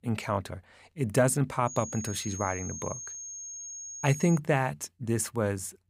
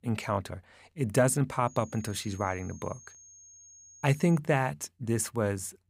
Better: second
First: high-pitched whine; loud; from 1.5 to 4.5 s; 6.5 kHz, 9 dB below the speech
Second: high-pitched whine; faint; from 1.5 to 4.5 s; 6.5 kHz, 20 dB below the speech

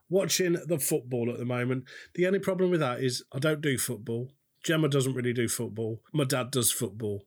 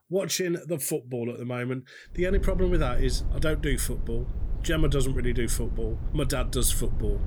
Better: first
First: none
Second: low rumble; noticeable; from 2 s on; 15 dB below the speech

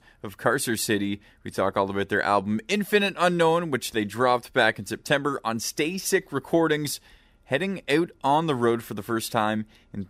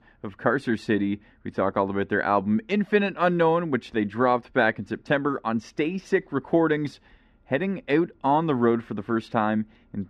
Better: first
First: none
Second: muffled; very; fading above 2.5 kHz

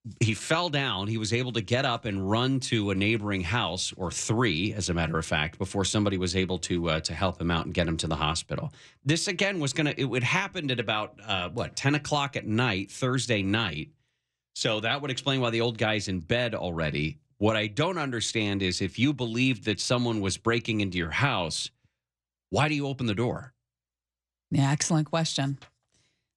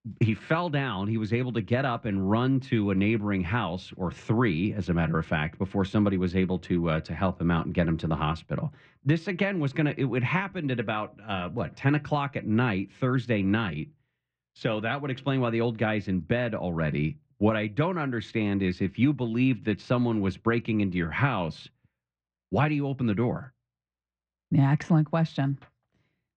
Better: first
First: none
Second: muffled; very; fading above 2 kHz

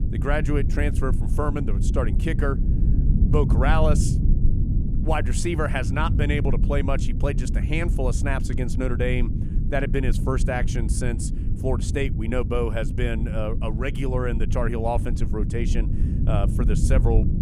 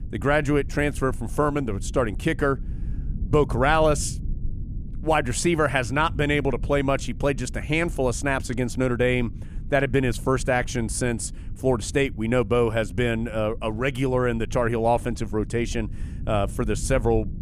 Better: second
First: low rumble; loud; throughout; 9 dB below the speech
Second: low rumble; faint; throughout; 25 dB below the speech

